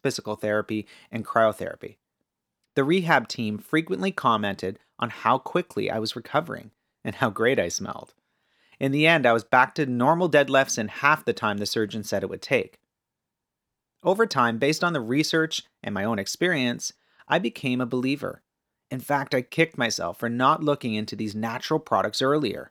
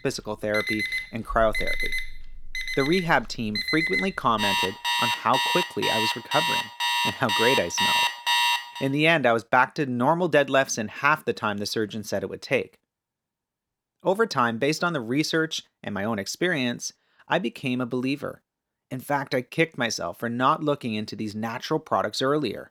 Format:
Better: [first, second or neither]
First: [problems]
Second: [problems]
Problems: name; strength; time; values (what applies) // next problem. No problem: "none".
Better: first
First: none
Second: alarms or sirens; very loud; until 8.5 s; as loud as the speech